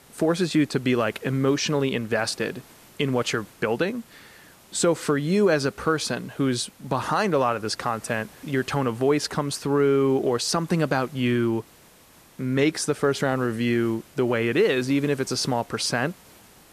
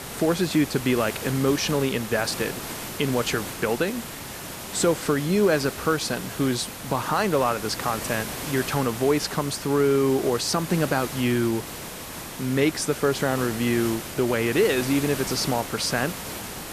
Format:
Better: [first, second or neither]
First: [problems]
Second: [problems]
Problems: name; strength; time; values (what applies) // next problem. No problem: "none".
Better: first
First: hiss; faint; throughout; 25 dB below the speech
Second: hiss; loud; throughout; 9 dB below the speech